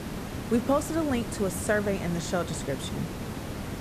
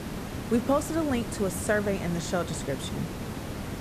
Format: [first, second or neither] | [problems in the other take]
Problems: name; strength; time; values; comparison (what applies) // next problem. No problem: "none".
neither | hiss; loud; throughout; 6 dB below the speech; the same in both